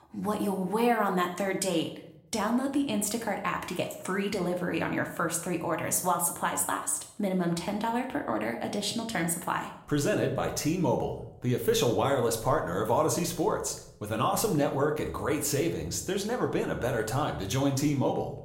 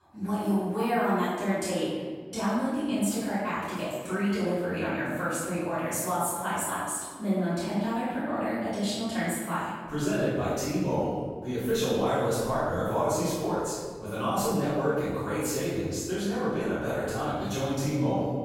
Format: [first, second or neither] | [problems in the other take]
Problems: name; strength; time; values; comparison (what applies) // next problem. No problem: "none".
first | room echo; strong; dies away in 1.5 s; slight in the first // off-mic speech; far